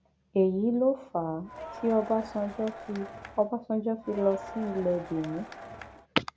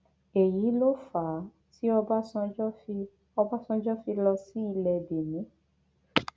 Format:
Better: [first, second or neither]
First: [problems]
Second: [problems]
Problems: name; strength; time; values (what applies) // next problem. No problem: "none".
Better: second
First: background sound (Crowd); 13 dB below the speech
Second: none